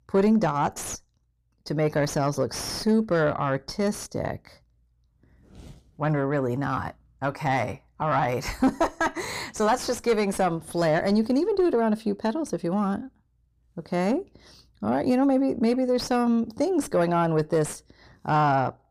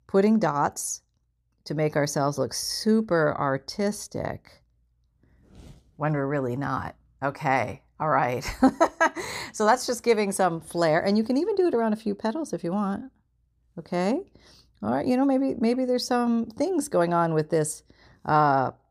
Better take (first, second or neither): second